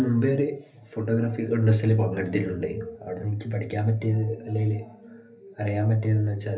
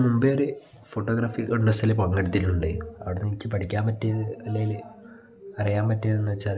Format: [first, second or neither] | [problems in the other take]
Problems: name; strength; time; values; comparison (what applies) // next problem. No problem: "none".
second | room echo; dies away in 0.3 s